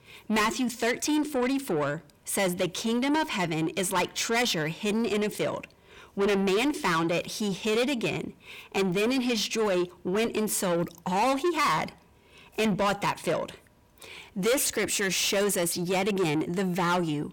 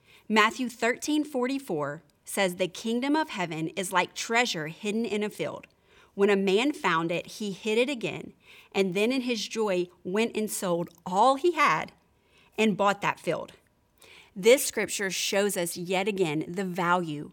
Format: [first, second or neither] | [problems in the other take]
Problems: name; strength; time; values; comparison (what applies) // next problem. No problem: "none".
second | distortion; heavy; 6 dB below the speech